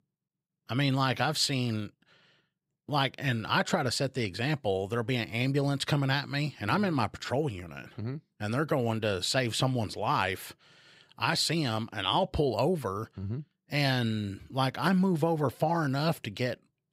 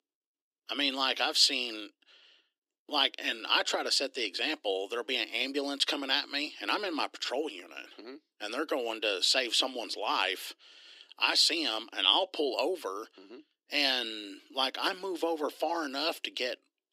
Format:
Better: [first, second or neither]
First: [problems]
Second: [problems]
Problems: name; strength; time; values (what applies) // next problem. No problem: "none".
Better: first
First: none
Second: thin; somewhat; fading below 300 Hz